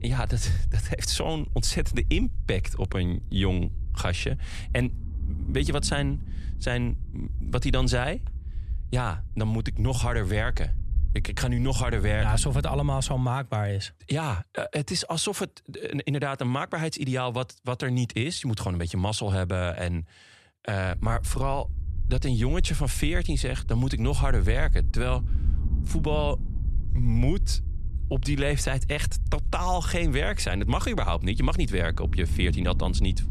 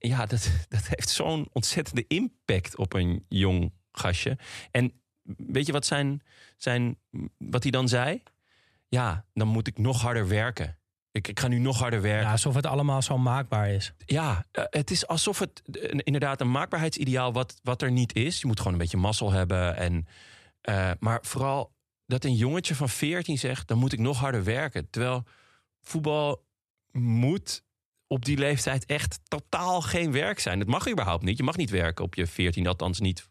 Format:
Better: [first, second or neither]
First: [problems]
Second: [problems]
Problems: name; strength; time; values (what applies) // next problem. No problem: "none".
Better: second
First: low rumble; noticeable; until 13 s and from 21 s on; 20 dB below the speech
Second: none